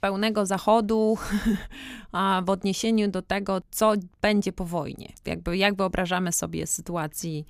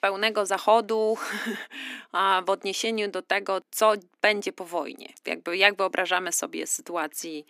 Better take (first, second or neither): first